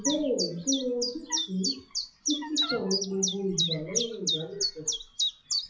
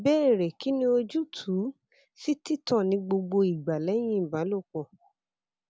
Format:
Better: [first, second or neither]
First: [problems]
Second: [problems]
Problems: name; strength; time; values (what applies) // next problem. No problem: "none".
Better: second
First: noise reduction (classical method WPE with log-MMSE)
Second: none